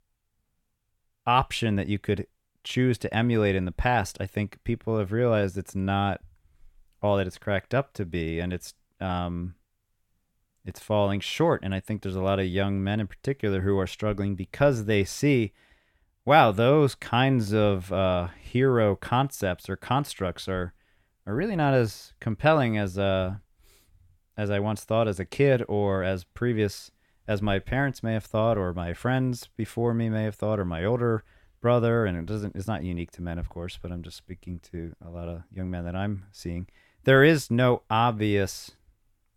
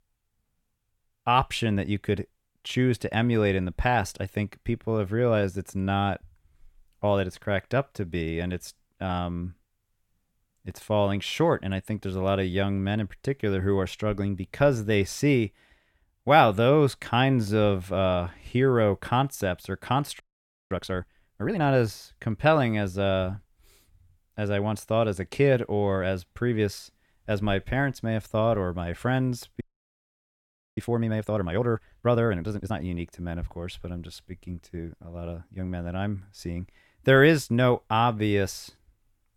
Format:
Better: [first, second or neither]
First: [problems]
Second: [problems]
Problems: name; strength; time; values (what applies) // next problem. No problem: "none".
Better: first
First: none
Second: audio freezing; at 20 s for 0.5 s and at 30 s for 1 s